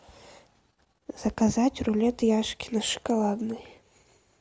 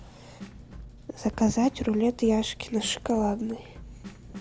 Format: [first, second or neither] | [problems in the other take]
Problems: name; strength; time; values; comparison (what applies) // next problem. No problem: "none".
first | background sound (Drum kit + Engine); 16 dB below the speech